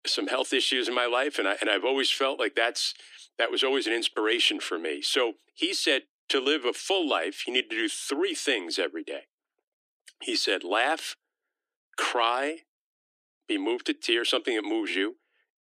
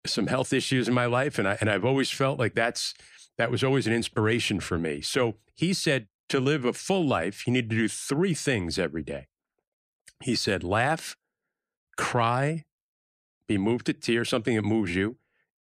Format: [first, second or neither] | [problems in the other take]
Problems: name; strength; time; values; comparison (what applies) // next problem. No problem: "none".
second | thin; somewhat; fading below 300 Hz